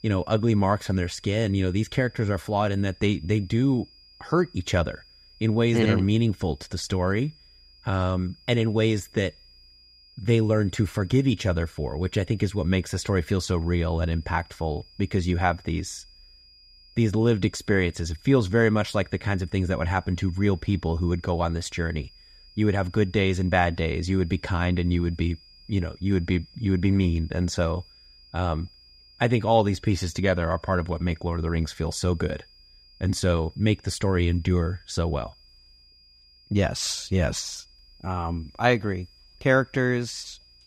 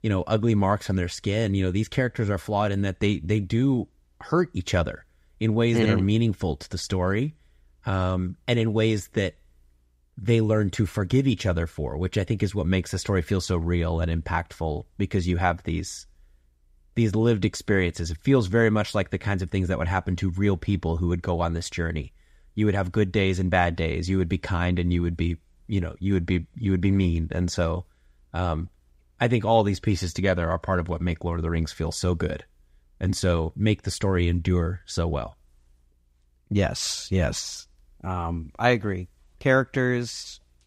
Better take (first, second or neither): second